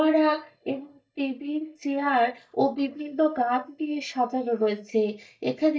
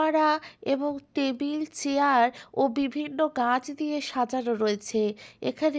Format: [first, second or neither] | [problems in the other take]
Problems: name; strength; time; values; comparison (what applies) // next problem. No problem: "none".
second | noise reduction (neural mask model DeepFilterNet 3)